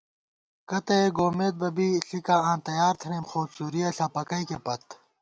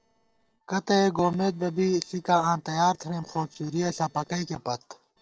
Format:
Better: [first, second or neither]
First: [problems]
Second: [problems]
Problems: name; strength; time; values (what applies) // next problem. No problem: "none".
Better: first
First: none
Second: noise reduction (neural separator model SepFormer DNS4)